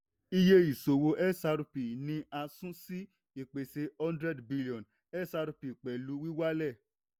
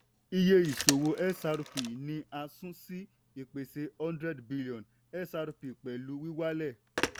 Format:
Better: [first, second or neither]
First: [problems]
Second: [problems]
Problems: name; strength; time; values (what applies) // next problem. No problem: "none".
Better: first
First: none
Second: background sound (Telephone); 8 dB below the speech